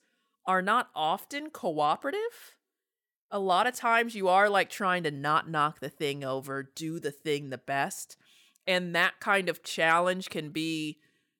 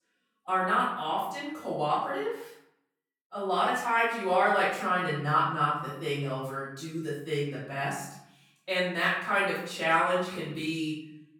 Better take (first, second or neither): first